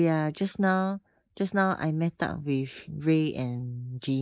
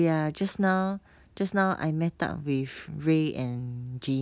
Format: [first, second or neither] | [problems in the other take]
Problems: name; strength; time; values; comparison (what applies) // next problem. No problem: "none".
second | noise reduction (neural mask model Resemble Enhance denoiser)